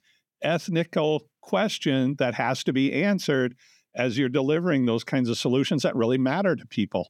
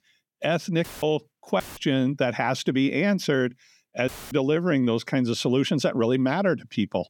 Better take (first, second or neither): first